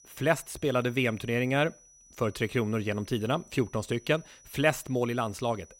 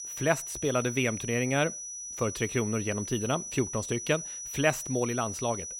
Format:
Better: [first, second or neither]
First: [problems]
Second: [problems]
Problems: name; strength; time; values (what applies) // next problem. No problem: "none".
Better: first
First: high-pitched whine; faint; throughout; 6 kHz, 25 dB below the speech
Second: high-pitched whine; loud; throughout; 6 kHz, 6 dB below the speech